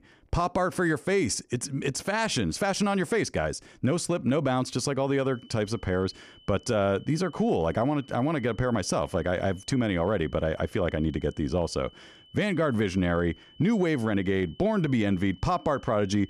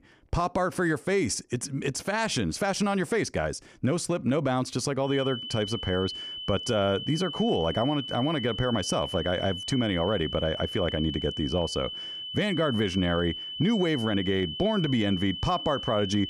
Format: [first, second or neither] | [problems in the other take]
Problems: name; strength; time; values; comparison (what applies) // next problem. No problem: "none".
first | high-pitched whine; loud; from 5 s on; 3 kHz, 7 dB below the speech; faint in the first